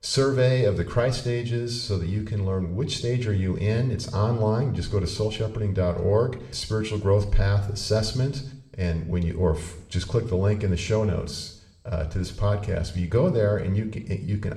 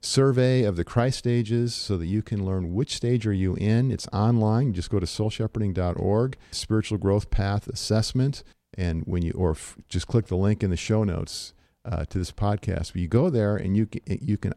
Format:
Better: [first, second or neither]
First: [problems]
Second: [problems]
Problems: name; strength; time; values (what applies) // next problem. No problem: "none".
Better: second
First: room echo; slight; dies away in 0.6 s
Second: none